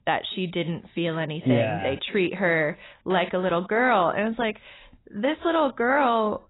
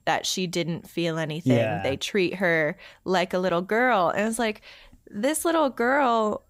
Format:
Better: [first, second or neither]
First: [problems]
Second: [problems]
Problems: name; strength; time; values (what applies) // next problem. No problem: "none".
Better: second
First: garbled, watery; badly; nothing above 4 kHz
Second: none